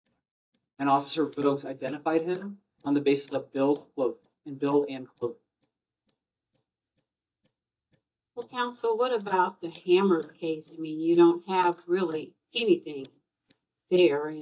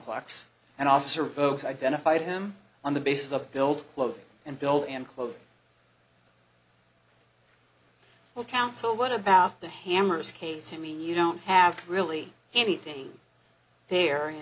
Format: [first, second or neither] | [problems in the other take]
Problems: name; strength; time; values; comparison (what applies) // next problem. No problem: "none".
second | noise reduction (neural mask model DeepFilterNet 3)